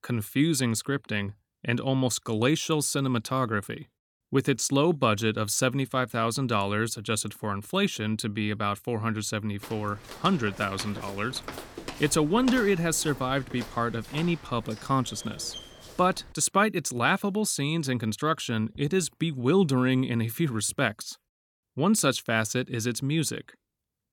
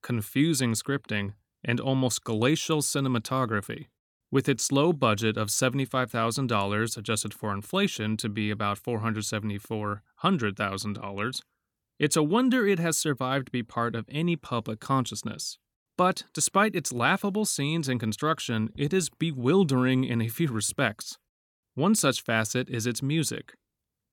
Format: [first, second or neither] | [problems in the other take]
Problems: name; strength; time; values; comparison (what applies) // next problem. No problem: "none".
second | footsteps; noticeable; from 9.5 to 16 s; peak 9 dB below the speech